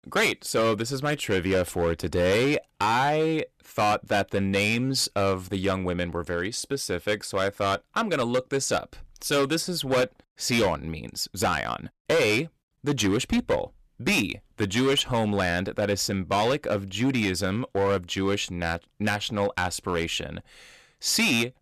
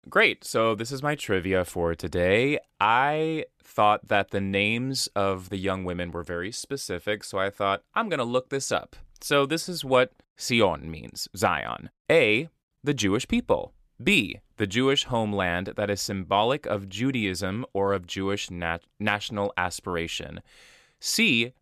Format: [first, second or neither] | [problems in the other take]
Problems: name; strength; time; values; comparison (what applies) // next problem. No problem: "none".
second | distortion; heavy; 9% of the sound clipped